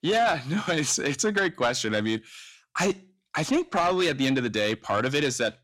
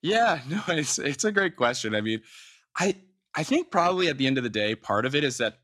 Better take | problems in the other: second | distortion; slight; 10 dB below the speech

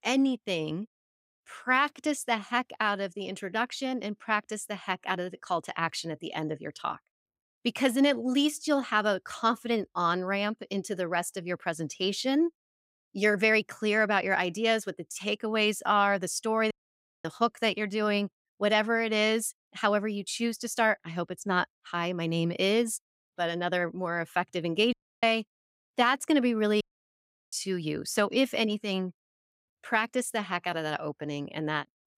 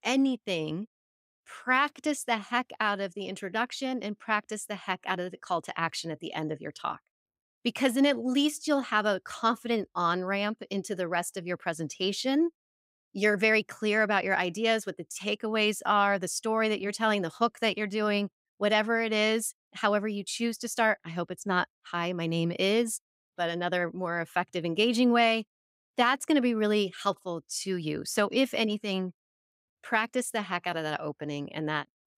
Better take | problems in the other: second | audio cutting out; at 17 s for 0.5 s, at 25 s and at 27 s for 0.5 s

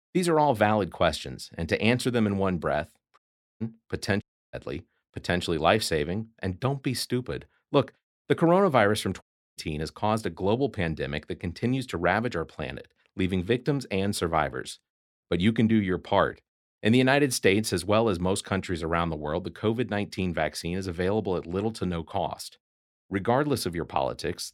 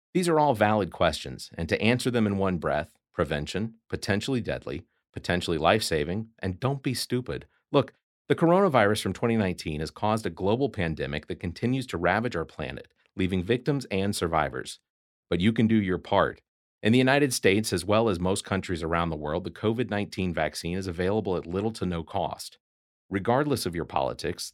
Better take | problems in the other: second | audio cutting out; at 3 s, at 4 s and at 9 s

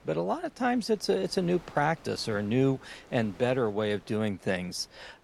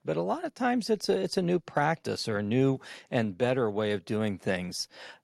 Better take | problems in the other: second | wind noise on the microphone; occasional gusts; 25 dB below the speech

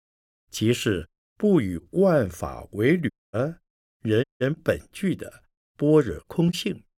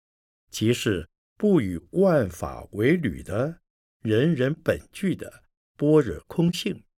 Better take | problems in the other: second | audio cutting out; at 3 s and at 4 s

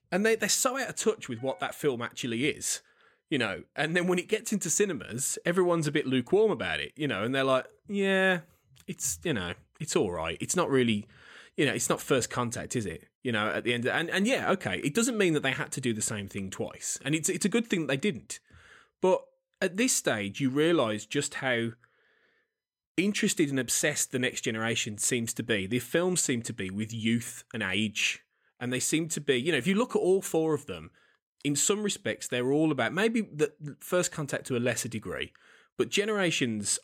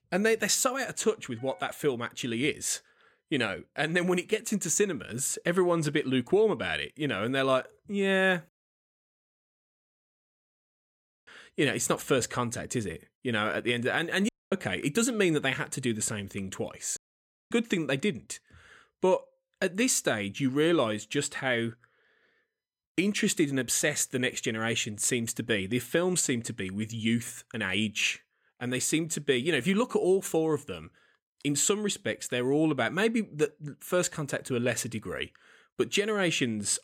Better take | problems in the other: first | audio cutting out; at 8.5 s for 3 s, at 14 s and at 17 s for 0.5 s

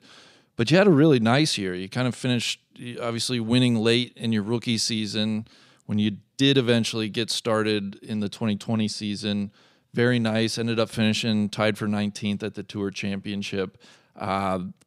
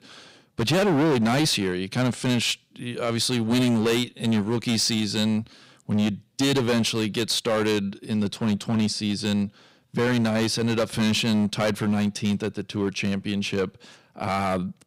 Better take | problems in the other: first | distortion; heavy; 13% of the sound clipped

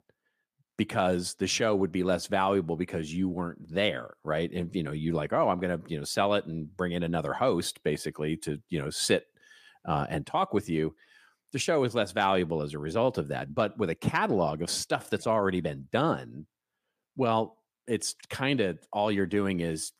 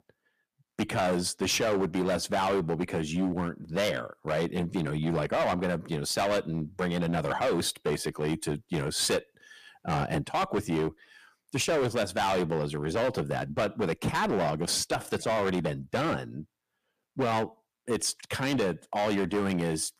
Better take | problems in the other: first | distortion; heavy; 13% of the sound clipped

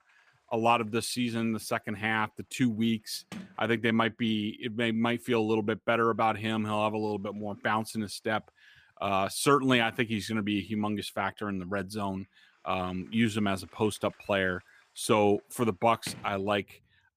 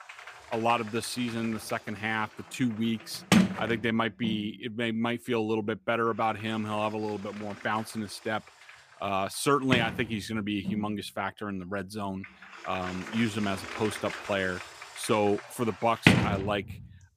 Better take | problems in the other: first | household noises; loud; throughout; 1 dB below the speech; faint in the first

